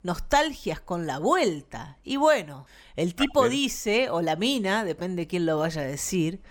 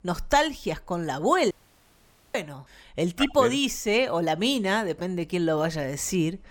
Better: first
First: none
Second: audio cutting out; at 1.5 s for 1 s

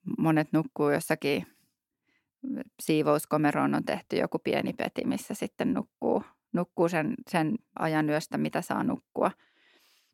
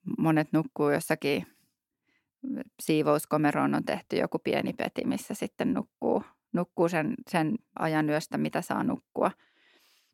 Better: neither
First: none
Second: none

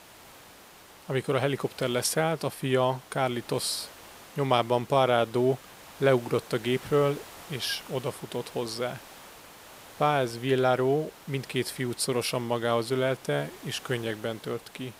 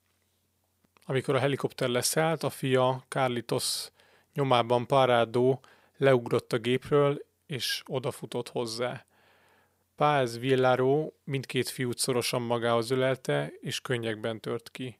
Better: second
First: hiss; noticeable; throughout; 20 dB below the speech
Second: none

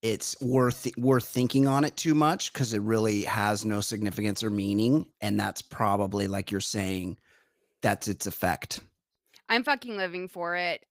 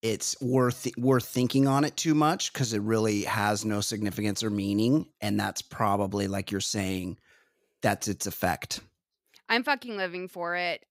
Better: second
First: garbled, watery; slightly; nothing above 15.5 kHz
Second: none

